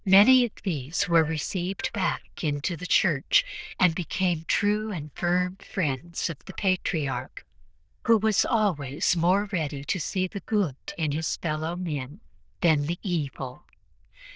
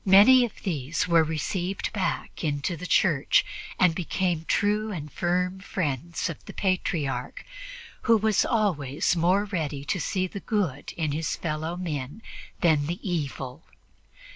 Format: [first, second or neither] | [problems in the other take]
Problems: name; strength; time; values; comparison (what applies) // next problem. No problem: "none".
second | noise reduction (neural diffusion model UNIVERSE++)